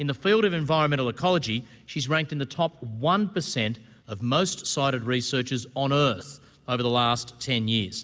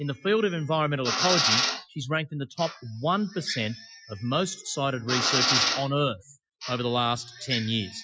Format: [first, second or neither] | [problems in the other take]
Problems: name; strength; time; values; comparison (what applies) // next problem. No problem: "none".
first | noise reduction (classical method Wiener filter)